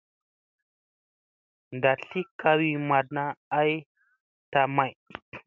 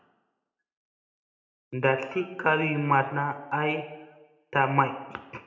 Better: first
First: none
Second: room echo; dies away in 0.7 s

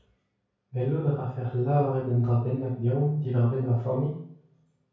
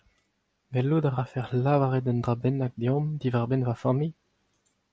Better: second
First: room echo; dies away in 0.6 s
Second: none

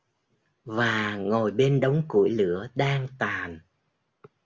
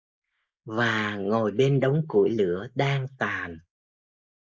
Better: first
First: none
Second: noise reduction (neural mask model Resemble Enhance denoiser)

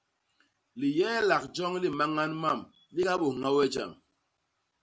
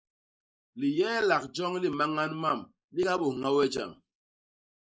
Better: first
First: none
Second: noise reduction (neural mask model Resemble Enhance denoiser)

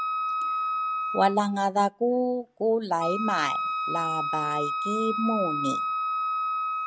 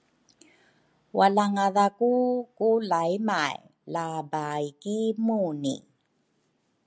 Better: second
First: background sound (Wind instrument, woodwind instrument); 1 dB below the speech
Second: none

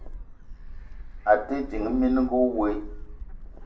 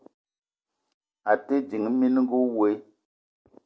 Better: second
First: background sound (Gull, seagull); 10 dB below the speech // room echo; dies away in 0.4 s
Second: none

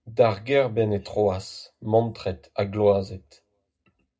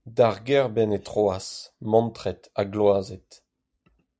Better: second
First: room echo; dies away in 0.2 s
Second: none

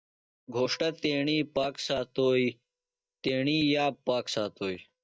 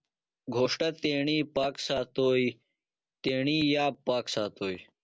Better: second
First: noise reduction (neural mask model DeepFilterNet 3)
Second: none

